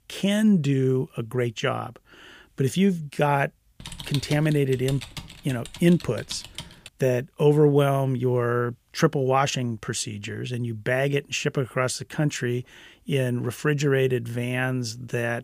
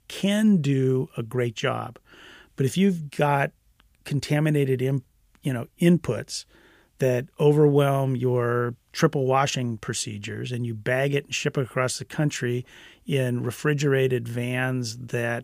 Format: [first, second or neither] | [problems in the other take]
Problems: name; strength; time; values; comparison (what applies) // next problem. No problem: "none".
second | keyboard typing; noticeable; from 4 to 7 s; peak 10 dB below the speech